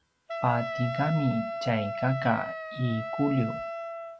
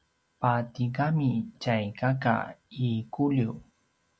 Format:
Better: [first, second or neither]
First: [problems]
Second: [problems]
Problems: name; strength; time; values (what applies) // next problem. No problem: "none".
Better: second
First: background sound (Wind instrument, woodwind instrument); 6 dB below the speech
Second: none